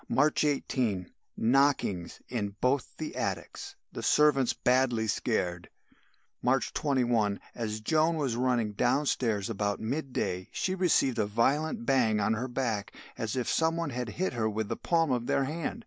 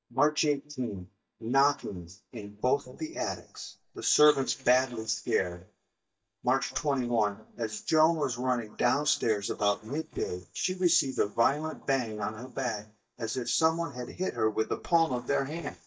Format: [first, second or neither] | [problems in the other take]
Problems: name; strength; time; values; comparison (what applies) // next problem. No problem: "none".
first | noise reduction (neural mask model DeepFilterNet 3)